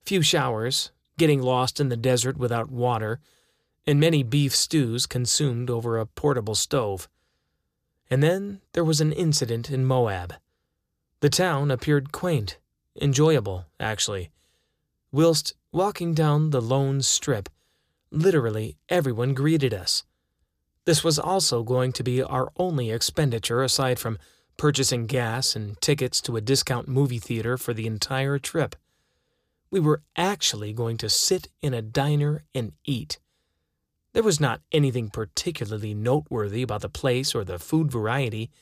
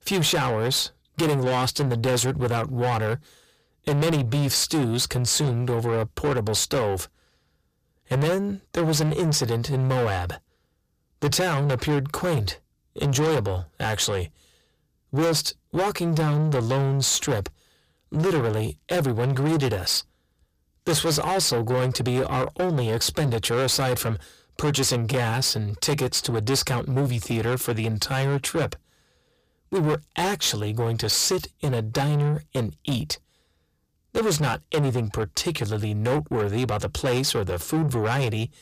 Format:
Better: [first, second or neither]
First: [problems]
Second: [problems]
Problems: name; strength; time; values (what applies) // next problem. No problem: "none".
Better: first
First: none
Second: distortion; heavy; 7 dB below the speech